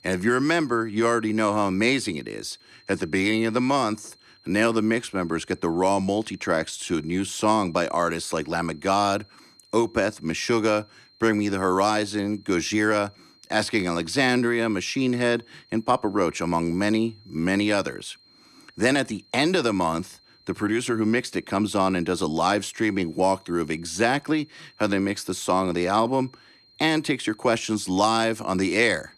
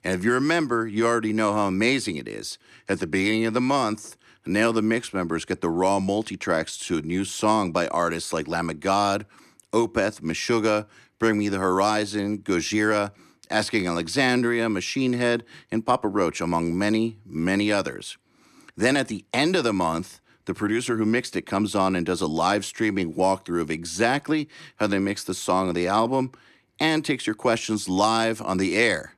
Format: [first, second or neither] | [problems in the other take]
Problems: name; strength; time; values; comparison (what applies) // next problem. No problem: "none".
second | high-pitched whine; faint; throughout; 4 kHz, 30 dB below the speech